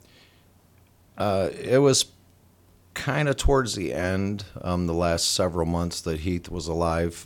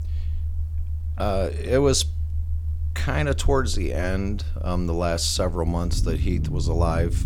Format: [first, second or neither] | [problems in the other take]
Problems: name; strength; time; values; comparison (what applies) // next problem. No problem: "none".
first | low rumble; noticeable; throughout; 20 dB below the speech